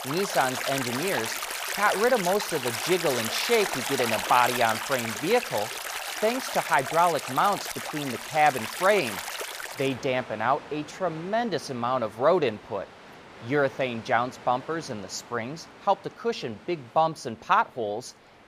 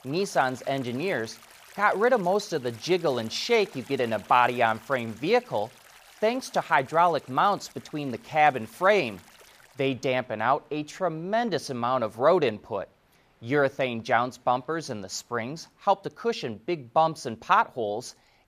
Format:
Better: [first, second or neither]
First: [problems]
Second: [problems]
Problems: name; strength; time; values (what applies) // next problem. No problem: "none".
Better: second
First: rain or running water; loud; throughout; 4 dB below the speech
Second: rain or running water; faint; throughout; 25 dB below the speech